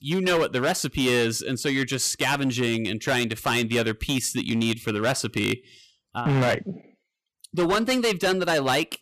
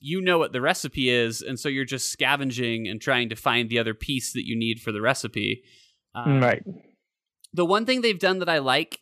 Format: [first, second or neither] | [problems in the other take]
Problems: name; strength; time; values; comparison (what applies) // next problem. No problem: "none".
second | distortion; heavy; 12% of the sound clipped